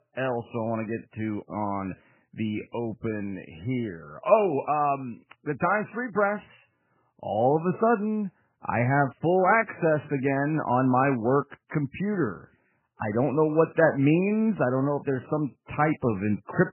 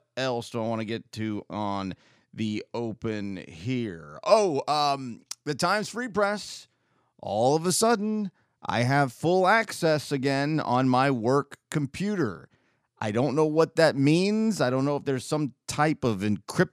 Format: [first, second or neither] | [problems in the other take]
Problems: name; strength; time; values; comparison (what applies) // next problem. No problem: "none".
second | garbled, watery; badly; nothing above 2.5 kHz